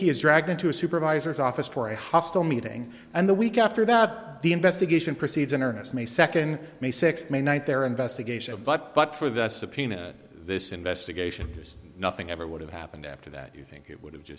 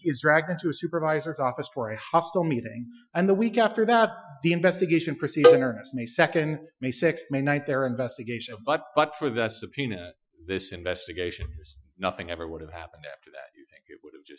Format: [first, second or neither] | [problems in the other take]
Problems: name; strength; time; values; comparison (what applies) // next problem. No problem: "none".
first | noise reduction (classical method Wiener filter)